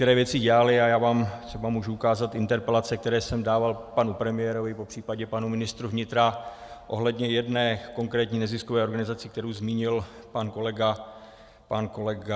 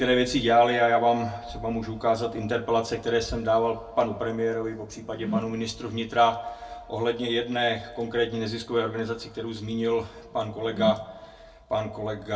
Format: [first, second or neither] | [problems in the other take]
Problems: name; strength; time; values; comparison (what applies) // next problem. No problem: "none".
first | background sound (Whoosh, swoosh, swish); 10 dB below the speech // room echo; dies away in 0.2 s